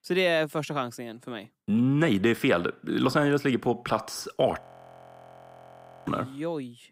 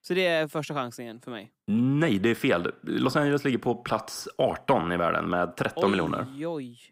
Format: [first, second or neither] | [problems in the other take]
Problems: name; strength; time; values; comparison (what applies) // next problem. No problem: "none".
second | audio freezing; at 4.5 s for 1.5 s